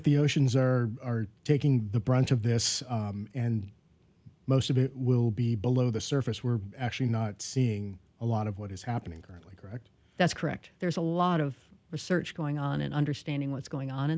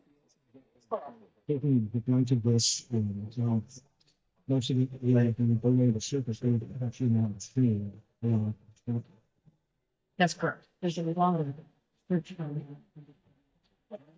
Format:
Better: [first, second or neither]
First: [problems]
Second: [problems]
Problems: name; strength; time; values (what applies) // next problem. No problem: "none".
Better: first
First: none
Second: noise reduction (neural mask model DeepFilterNet 3)